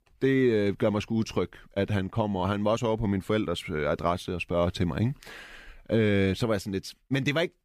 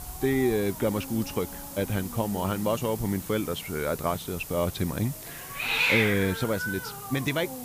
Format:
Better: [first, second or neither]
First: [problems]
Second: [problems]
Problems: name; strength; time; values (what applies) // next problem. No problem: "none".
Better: first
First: none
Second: hiss; loud; throughout; 3 dB below the speech